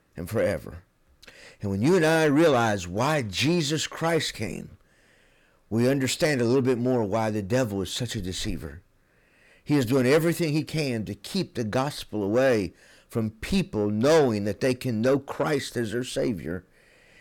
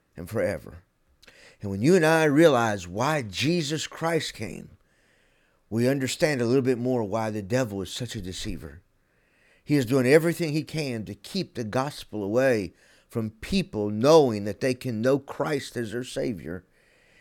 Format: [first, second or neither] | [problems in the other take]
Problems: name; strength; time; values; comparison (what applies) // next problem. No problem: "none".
second | distortion; slight; 10 dB below the speech